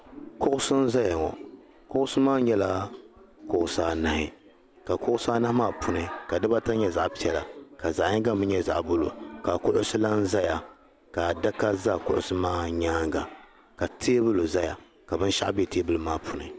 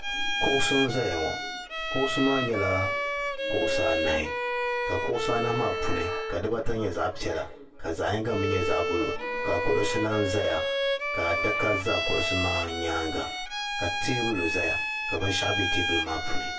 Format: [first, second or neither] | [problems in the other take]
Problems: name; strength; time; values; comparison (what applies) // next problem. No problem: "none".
first | background sound (Bowed string instrument); 1 dB below the speech // room echo; dies away in 0.2 s